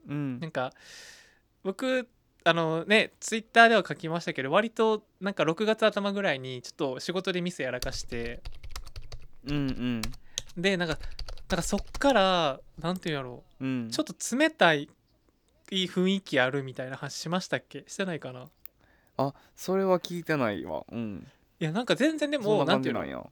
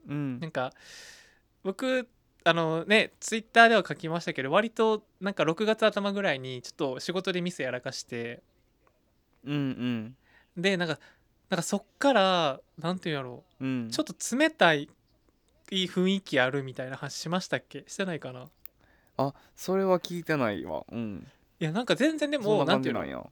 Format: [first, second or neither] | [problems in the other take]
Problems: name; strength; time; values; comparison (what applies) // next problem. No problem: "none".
second | keyboard typing; noticeable; from 8 to 13 s; peak 8 dB below the speech